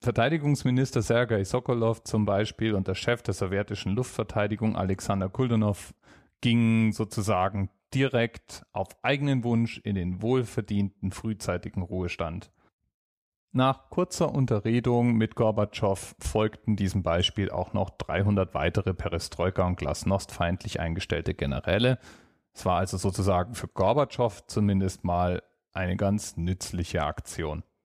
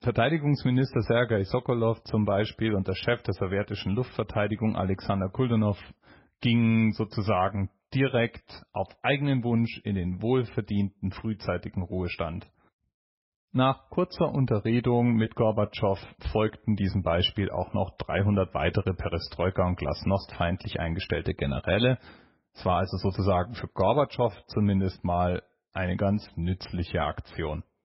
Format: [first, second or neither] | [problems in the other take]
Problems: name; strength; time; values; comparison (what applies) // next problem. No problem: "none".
first | garbled, watery; badly; nothing above 5.5 kHz